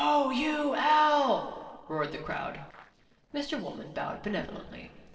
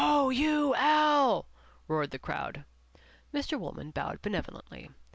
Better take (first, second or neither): second